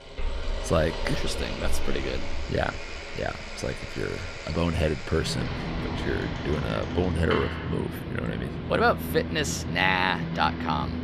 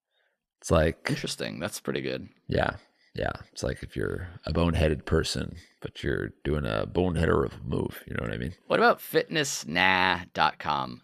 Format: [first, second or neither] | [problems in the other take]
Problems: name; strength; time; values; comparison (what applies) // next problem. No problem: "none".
second | traffic noise; loud; throughout; 5 dB below the speech